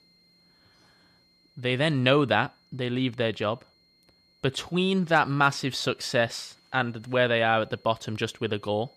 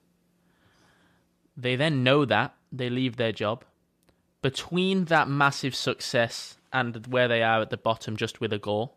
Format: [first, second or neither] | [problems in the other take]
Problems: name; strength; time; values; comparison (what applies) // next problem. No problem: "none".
second | high-pitched whine; faint; throughout; 4 kHz, 35 dB below the speech